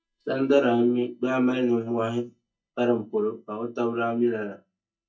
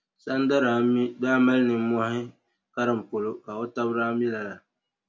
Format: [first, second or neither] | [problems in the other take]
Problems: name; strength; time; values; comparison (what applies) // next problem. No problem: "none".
second | noise reduction (neural mask model DeepFilterNet 3)